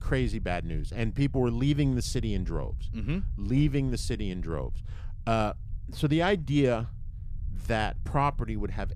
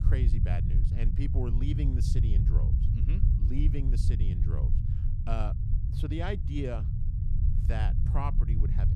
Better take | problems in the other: first | low rumble; loud; throughout; 3 dB below the speech; faint in the first

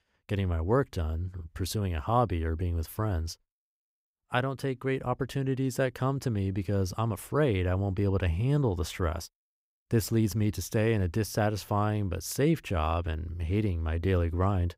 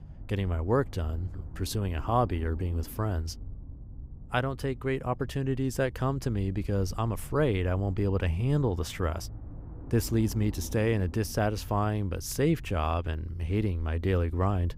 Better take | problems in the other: first | low rumble; faint; throughout; 25 dB below the speech

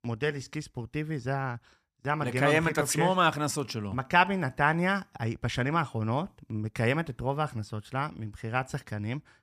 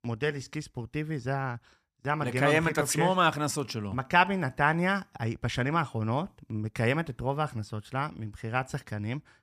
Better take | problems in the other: neither | none

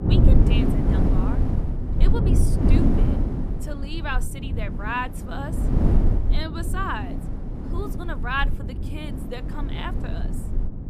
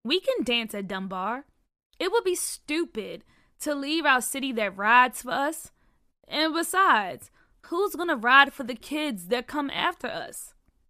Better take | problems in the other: second | wind noise on the microphone; heavy; 3 dB below the speech

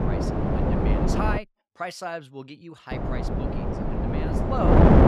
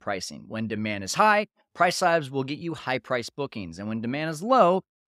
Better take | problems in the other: second | wind noise on the microphone; heavy; until 1.5 s and from 3 s on; 5 dB above the speech

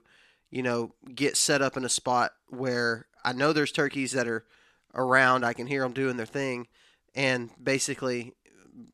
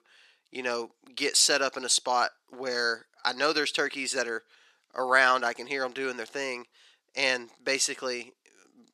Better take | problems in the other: first | thin; somewhat; fading below 400 Hz

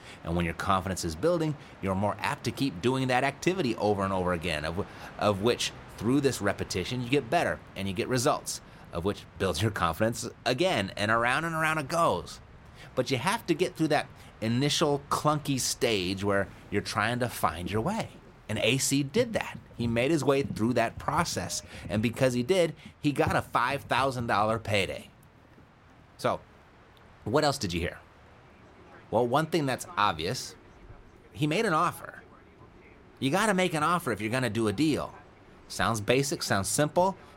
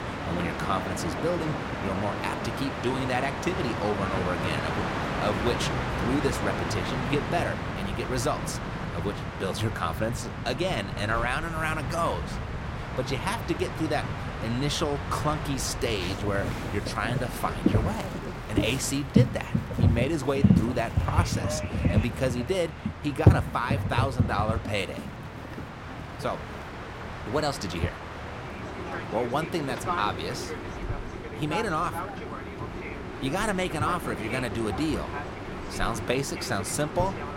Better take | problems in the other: first | train or aircraft noise; loud; throughout; 1 dB below the speech; faint in the first

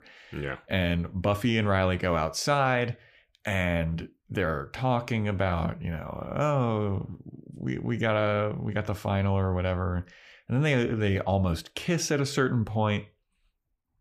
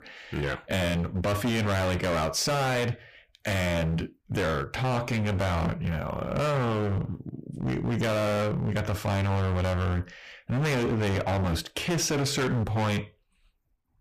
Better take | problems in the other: first | distortion; heavy; 28% of the sound clipped

